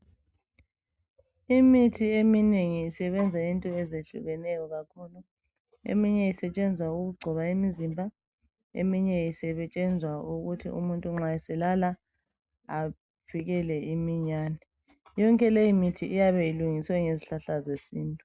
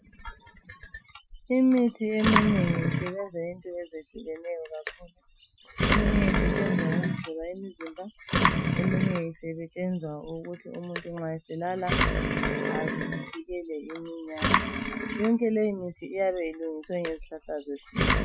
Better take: first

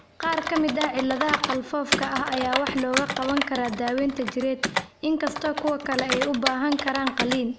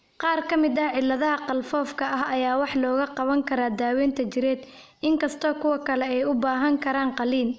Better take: second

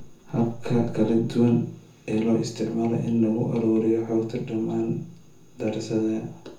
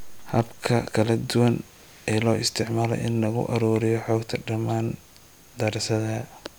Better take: second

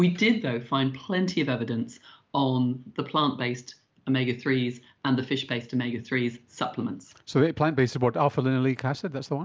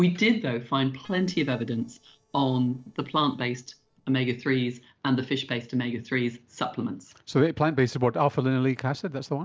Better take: first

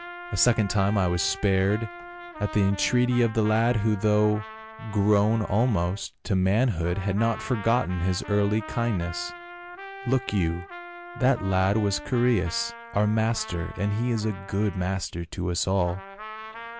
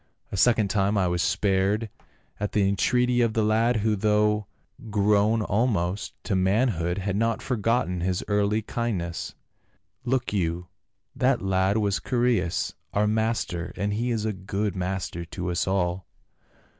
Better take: second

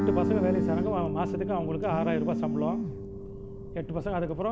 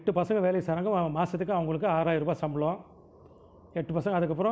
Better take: second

